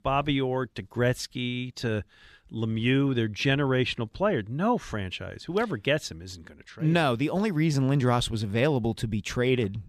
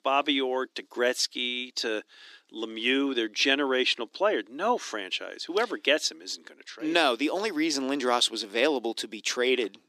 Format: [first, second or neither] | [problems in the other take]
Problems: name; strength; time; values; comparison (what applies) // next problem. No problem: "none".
first | thin; somewhat; fading below 300 Hz